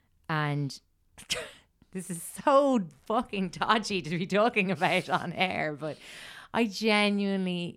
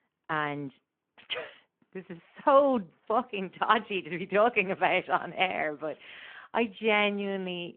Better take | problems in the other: first | phone-call audio

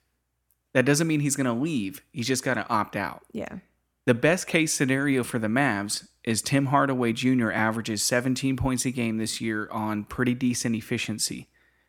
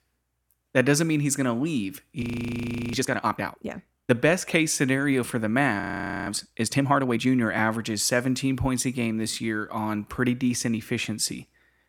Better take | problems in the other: first | audio freezing; at 2 s for 0.5 s and at 6 s

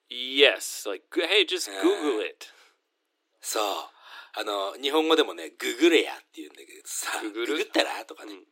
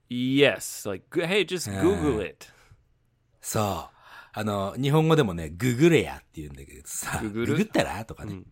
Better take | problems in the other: second | thin; somewhat; fading below 300 Hz

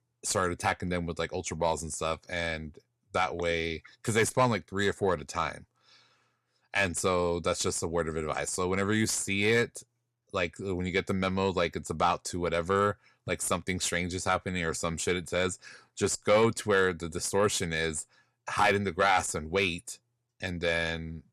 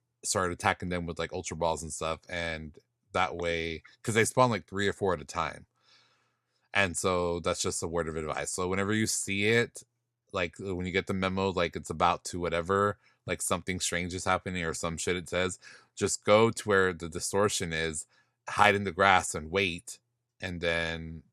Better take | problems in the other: second | distortion; slight; 10 dB below the speech

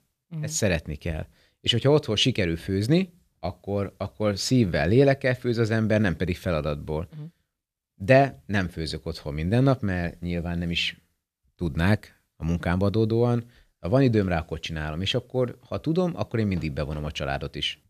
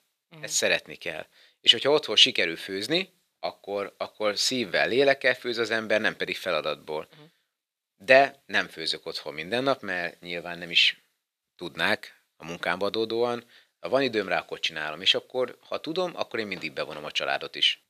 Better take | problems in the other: first | thin; somewhat; fading below 450 Hz

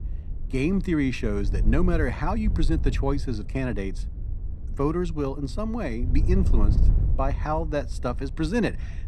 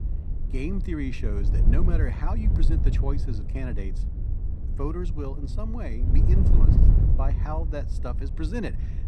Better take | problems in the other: first | wind noise on the microphone; heavy; 5 dB below the speech; occasional gusts in the first

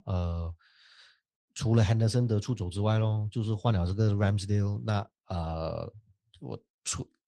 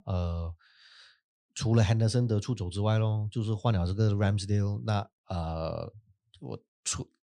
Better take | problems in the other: second | garbled, watery; slightly

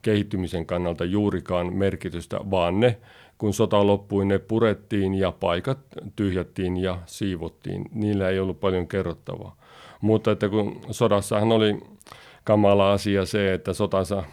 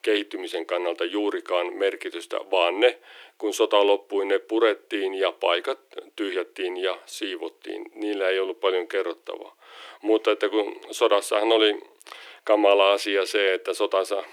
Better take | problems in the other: first | thin; very; fading below 300 Hz

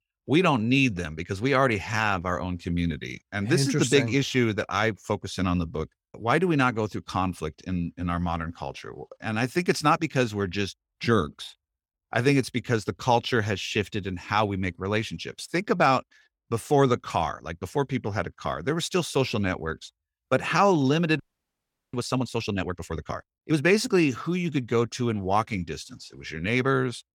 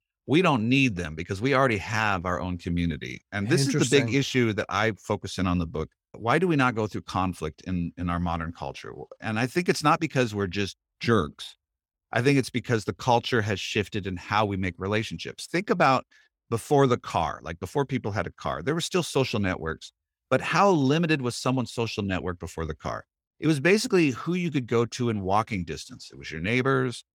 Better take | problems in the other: second | audio freezing; at 21 s for 0.5 s

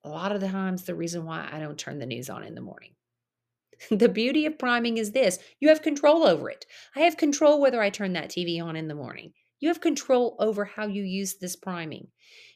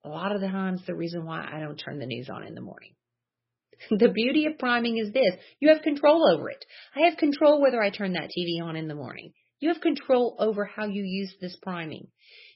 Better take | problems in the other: first | garbled, watery; badly; nothing above 5.5 kHz

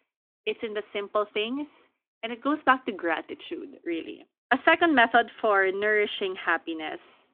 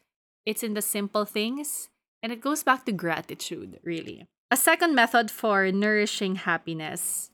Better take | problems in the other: second | phone-call audio

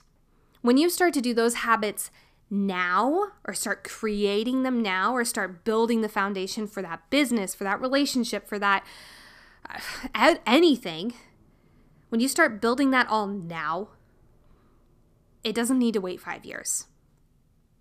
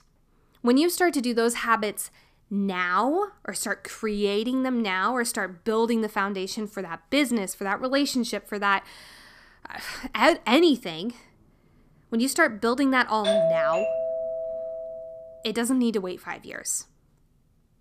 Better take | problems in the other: first | doorbell; loud; from 13 to 15 s; peak 3 dB above the speech

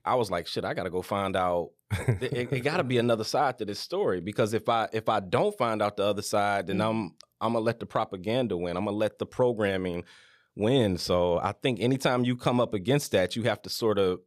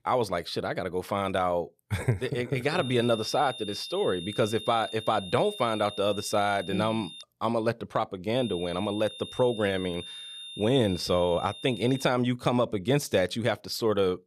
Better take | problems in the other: first | high-pitched whine; noticeable; from 2.5 to 7 s and from 8.5 to 12 s; 3.5 kHz, 10 dB below the speech

